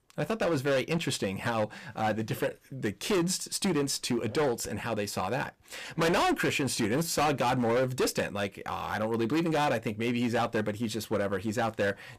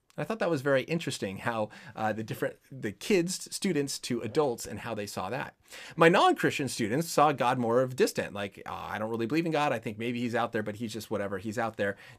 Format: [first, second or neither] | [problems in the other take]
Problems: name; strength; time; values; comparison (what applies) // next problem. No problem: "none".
second | distortion; heavy; 13% of the sound clipped